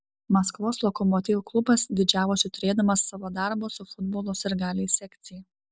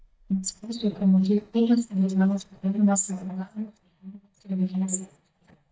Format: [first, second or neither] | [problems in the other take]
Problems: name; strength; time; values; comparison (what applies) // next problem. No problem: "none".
first | noise reduction (neural mask model DeepFilterNet 3)